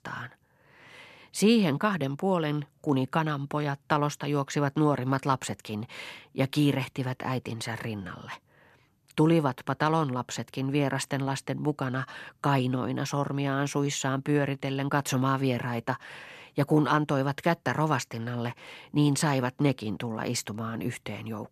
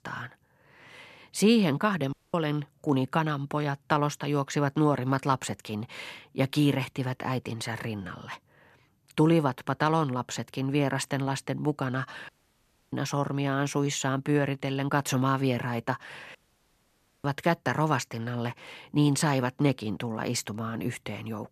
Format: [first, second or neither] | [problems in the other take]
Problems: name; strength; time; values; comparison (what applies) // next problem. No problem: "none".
first | audio cutting out; at 2 s, at 12 s for 0.5 s and at 16 s for 1 s